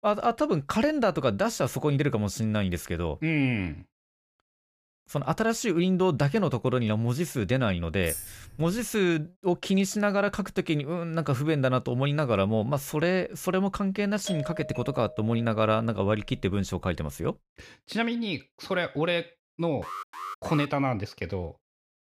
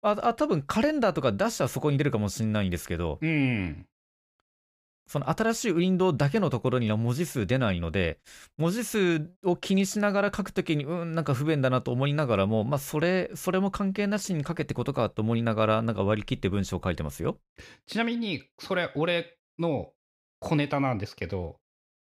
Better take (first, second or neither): second